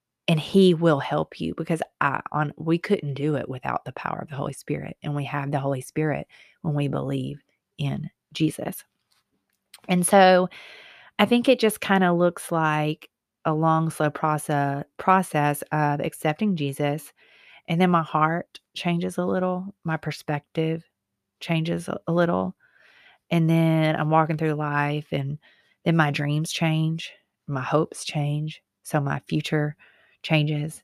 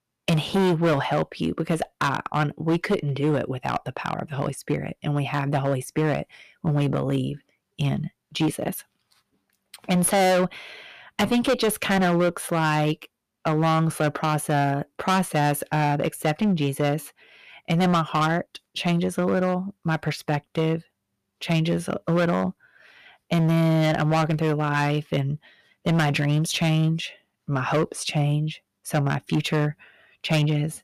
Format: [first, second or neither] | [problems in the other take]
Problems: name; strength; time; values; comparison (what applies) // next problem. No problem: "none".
first | distortion; heavy; 11% of the sound clipped